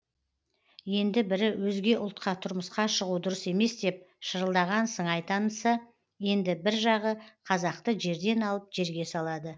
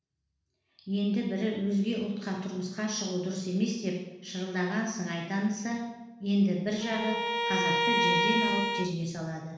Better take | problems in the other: first | background sound (Bowed string instrument); 2 dB above the speech // room echo; dies away in 1.1 s

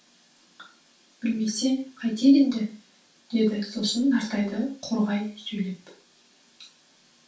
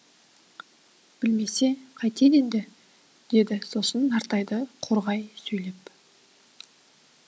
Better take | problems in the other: second | room echo; dies away in 0.3 s

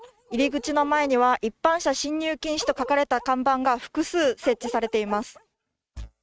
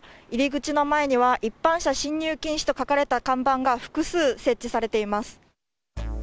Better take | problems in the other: second | noise reduction (neural mask model RNNoise)

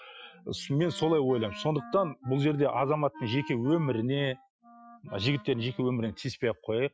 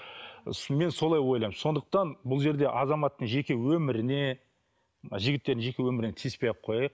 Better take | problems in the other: second | noise reduction (classical method Wiener filter)

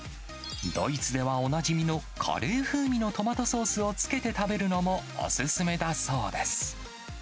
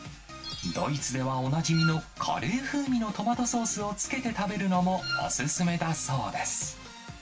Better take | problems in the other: first | background sound (Wind instrument, woodwind instrument); 6 dB below the speech // room echo; dies away in 0.2 s

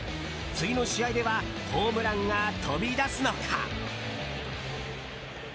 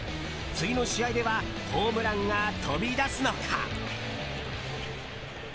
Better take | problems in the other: first | background sound (Cat); 15 dB below the speech

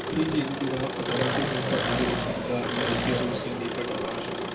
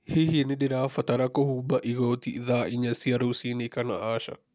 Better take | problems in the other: second | background sound (Engine); 1 dB above the speech // room echo; dies away in 0.3 s

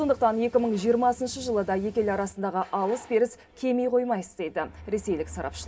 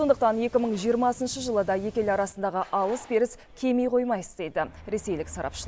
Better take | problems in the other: second | room echo; dies away in 0.3 s

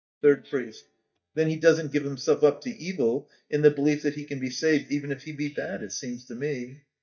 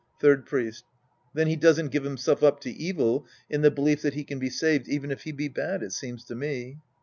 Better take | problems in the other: second | noise reduction (neural mask model DeepFilterNet 3)

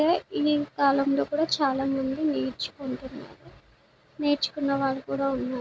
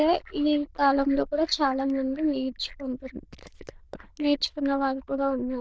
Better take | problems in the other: first | noise reduction (neural diffusion model UNIVERSE++)

